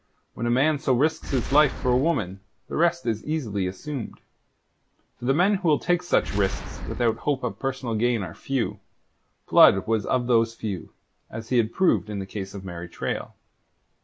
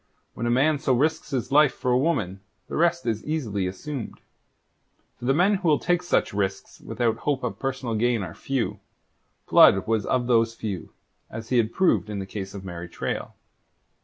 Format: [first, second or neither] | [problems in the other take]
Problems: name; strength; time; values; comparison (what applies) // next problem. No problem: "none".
second | background sound (Boom); 10 dB below the speech